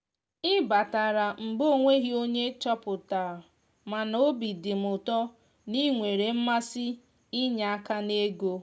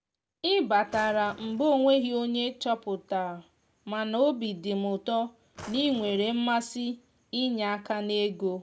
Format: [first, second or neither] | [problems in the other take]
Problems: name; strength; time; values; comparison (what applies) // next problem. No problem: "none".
first | background sound (Drawer open or close); 20 dB below the speech